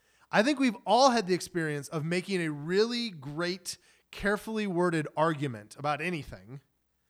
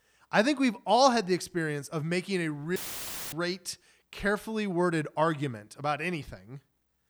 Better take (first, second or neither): first